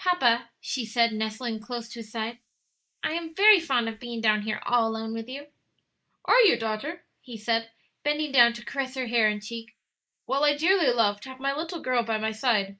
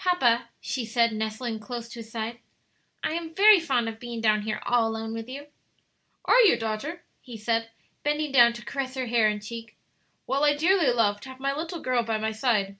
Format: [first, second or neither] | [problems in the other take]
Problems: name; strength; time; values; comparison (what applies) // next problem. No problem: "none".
second | noise reduction (neural mask model Resemble Enhance denoiser)